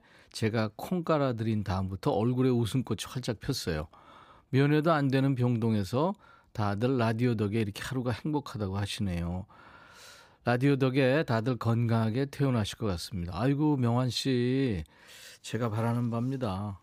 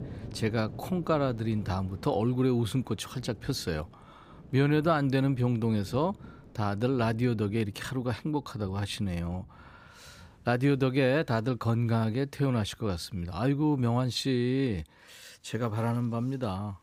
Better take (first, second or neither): first